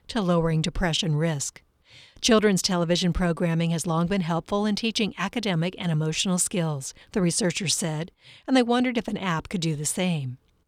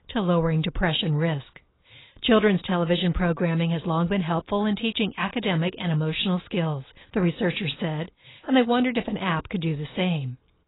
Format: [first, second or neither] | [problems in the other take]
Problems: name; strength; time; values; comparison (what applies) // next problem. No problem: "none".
first | garbled, watery; badly; nothing above 4 kHz